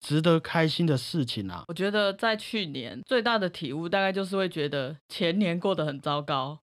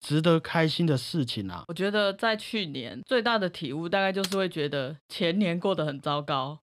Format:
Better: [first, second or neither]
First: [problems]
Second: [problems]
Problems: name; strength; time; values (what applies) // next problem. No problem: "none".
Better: first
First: none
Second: keyboard typing; noticeable; at 4 s; peak 8 dB below the speech